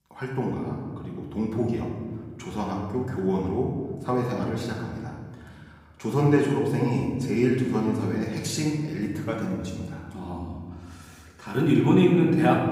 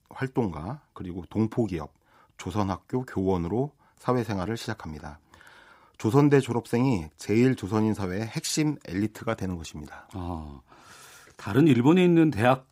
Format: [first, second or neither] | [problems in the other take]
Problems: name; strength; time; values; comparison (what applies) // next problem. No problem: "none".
second | off-mic speech; far // room echo; noticeable; dies away in 1.5 s